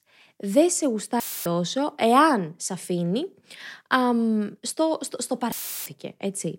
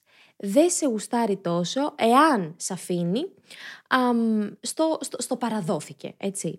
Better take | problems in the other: second | audio cutting out; filled with static; at 1 s and at 5.5 s

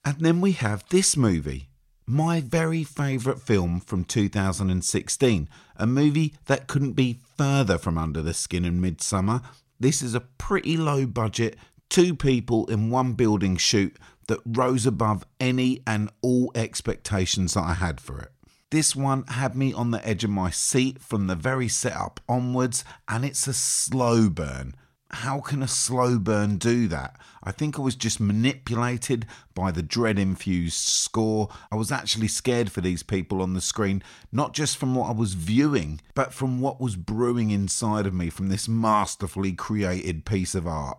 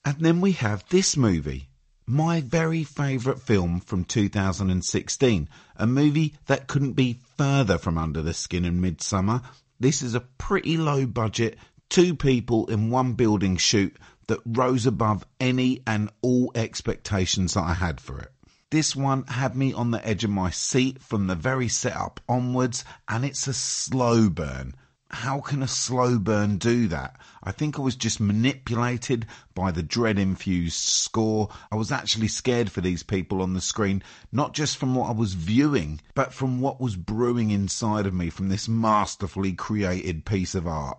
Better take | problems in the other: first | garbled, watery; slightly; nothing above 7.5 kHz

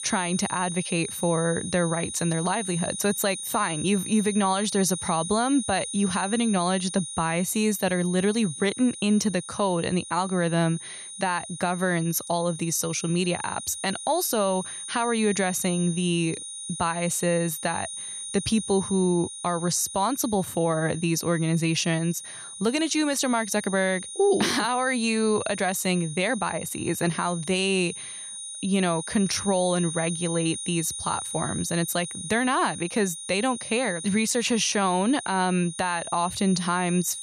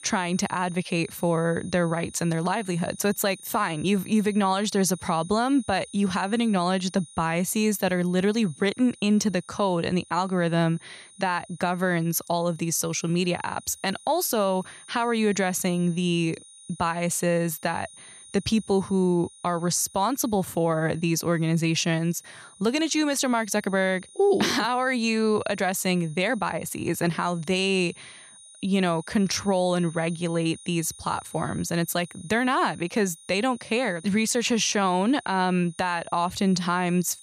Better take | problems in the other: second | high-pitched whine; loud; throughout; 9 kHz, 8 dB below the speech; faint in the second

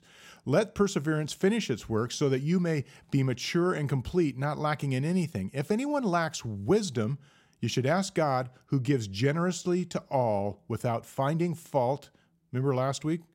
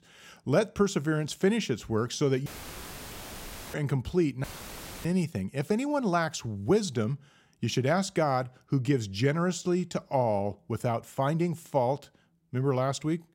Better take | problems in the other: first | audio cutting out; filled with static; at 2.5 s for 1.5 s and at 4.5 s for 0.5 s

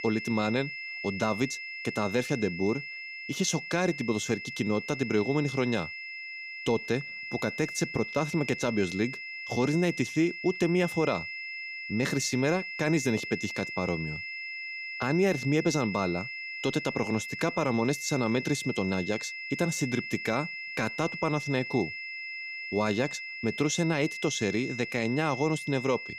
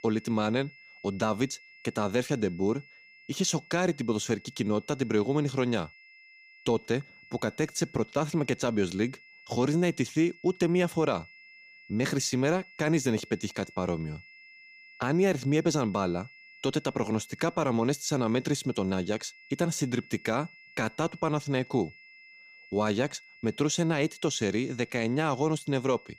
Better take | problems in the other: second | high-pitched whine; loud; throughout; 2 kHz, 7 dB below the speech; faint in the second

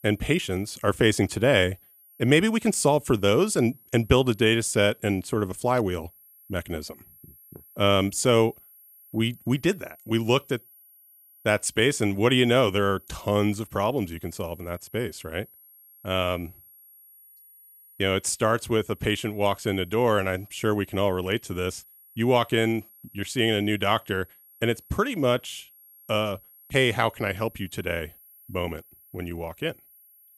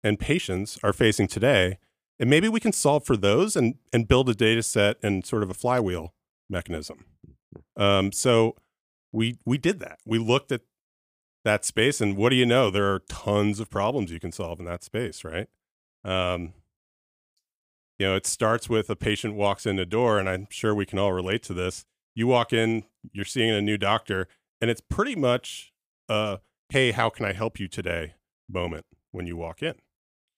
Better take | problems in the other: second | high-pitched whine; faint; throughout; 11.5 kHz, 25 dB below the speech

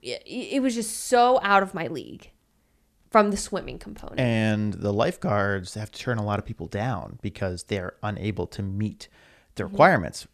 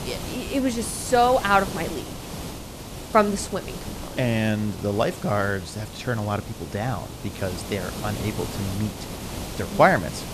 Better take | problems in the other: first | hiss; noticeable; throughout; 10 dB below the speech

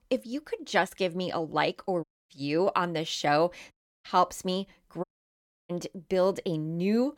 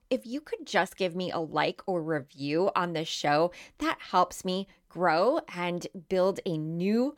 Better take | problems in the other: second | audio cutting out; at 2 s, at 3.5 s and at 5 s for 0.5 s

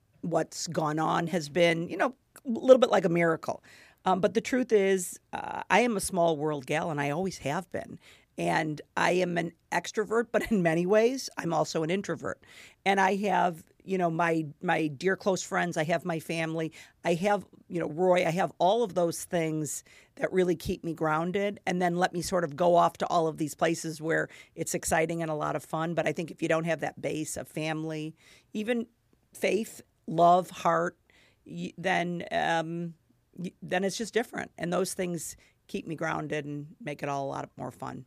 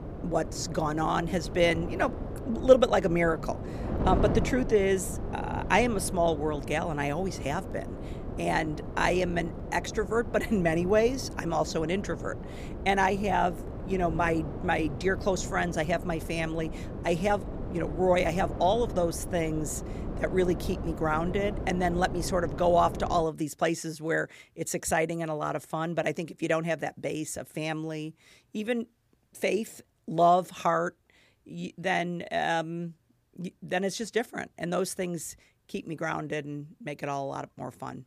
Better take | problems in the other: first | wind noise on the microphone; occasional gusts; until 23 s; 15 dB below the speech

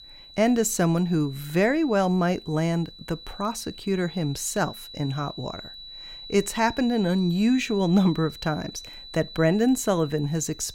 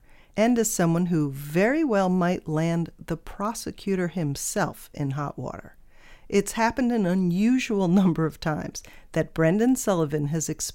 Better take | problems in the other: second | high-pitched whine; noticeable; throughout; 4 kHz, 15 dB below the speech

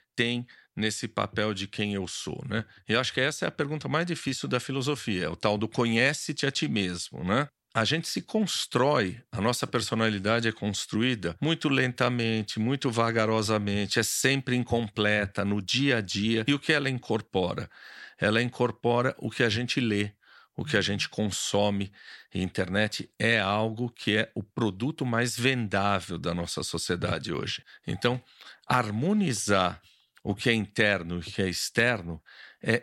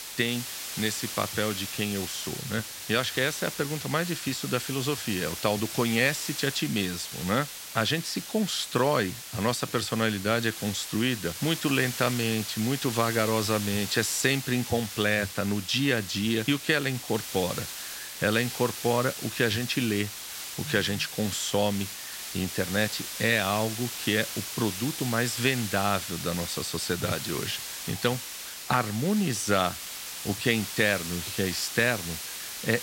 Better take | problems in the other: first | hiss; loud; throughout; 7 dB below the speech

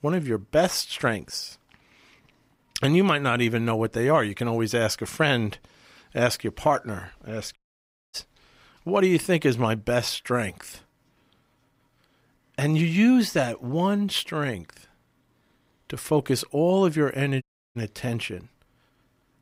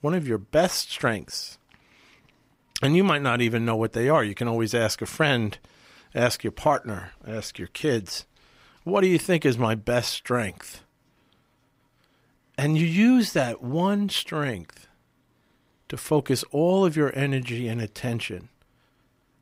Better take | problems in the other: second | audio cutting out; at 7.5 s for 0.5 s and at 17 s

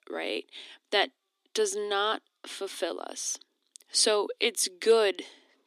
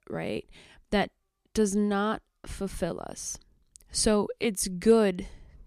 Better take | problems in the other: second | thin; very; fading below 250 Hz

